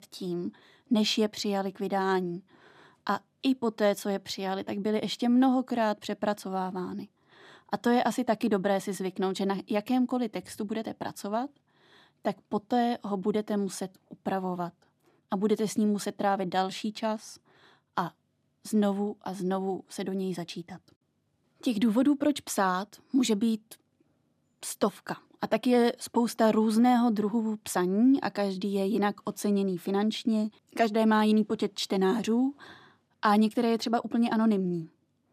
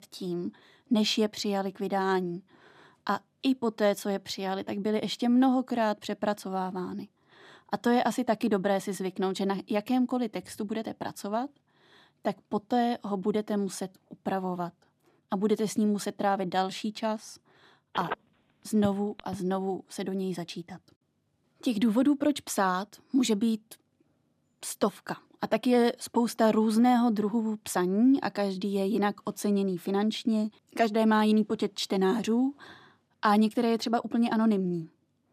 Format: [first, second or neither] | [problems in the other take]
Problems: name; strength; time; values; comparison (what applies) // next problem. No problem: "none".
first | phone ringing; noticeable; from 18 to 19 s; peak 9 dB below the speech